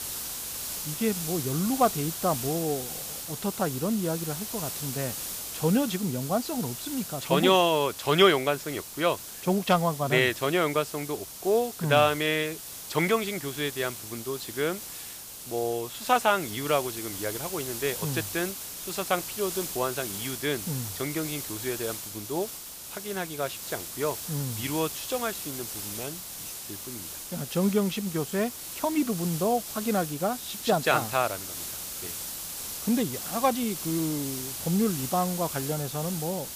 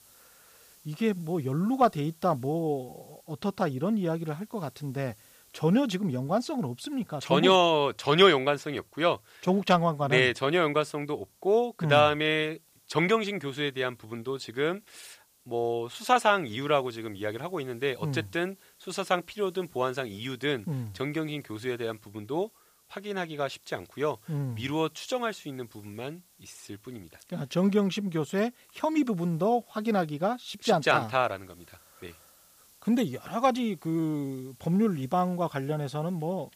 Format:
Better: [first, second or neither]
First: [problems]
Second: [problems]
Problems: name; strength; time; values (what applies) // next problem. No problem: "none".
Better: second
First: hiss; loud; throughout; 7 dB below the speech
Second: hiss; faint; throughout; 30 dB below the speech